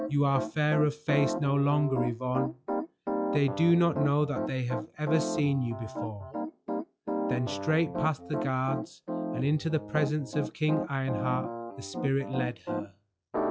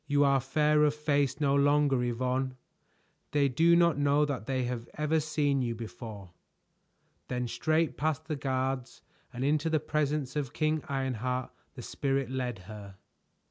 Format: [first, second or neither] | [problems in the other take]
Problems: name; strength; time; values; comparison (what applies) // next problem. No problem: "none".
second | noise reduction (classical method log-MMSE)